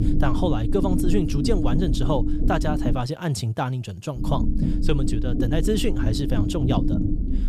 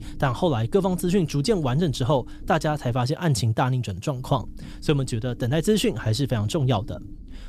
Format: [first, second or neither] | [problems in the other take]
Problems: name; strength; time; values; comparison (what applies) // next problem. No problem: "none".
second | low rumble; loud; until 3 s and from 4 s on; 3 dB below the speech; faint in the second